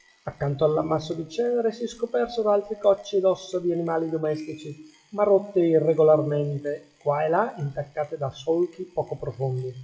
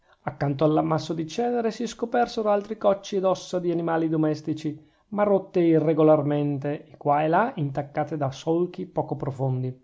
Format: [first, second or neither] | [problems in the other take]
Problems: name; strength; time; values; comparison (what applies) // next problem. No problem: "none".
second | noise reduction (classical method WPE with log-MMSE)